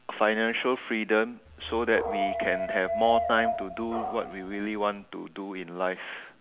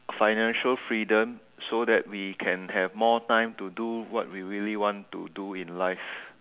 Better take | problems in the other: second | background sound (Dog); 3 dB below the speech

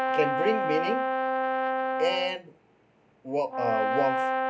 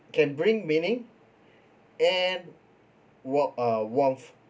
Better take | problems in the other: second | background sound (Brass instrument); 2 dB above the speech

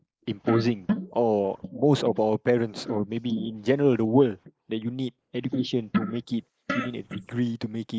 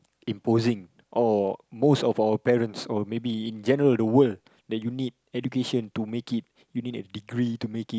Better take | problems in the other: second | noise reduction (neural mask model Resemble Enhance denoiser)

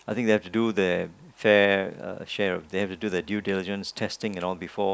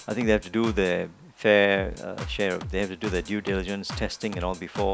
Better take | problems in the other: first | background sound (Drum kit); 11 dB below the speech

